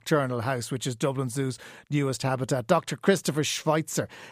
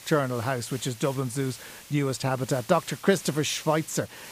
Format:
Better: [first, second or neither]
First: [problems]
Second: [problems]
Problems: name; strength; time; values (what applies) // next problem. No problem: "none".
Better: first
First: none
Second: hiss; noticeable; throughout; 15 dB below the speech